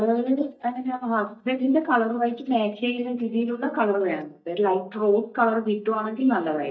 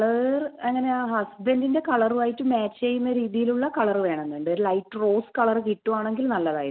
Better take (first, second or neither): second